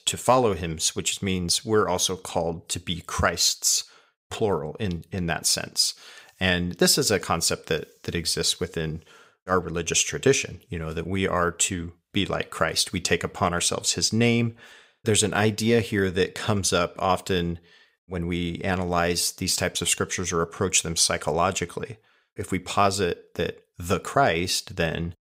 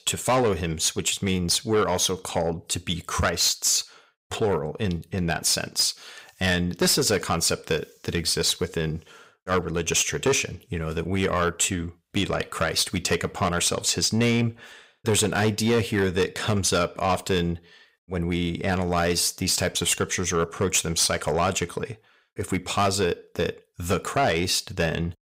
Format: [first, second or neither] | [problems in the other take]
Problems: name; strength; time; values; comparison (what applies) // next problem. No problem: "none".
first | distortion; slight; 10 dB below the speech